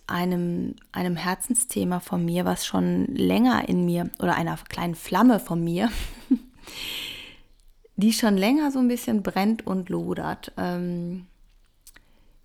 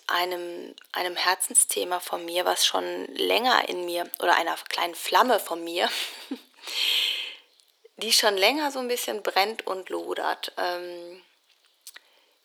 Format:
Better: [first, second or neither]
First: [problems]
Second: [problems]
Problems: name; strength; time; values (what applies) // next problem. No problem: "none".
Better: first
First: none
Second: thin; very; fading below 400 Hz